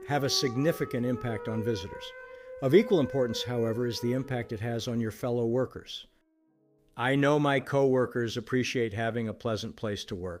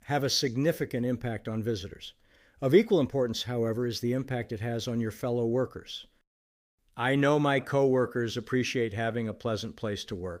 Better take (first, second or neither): second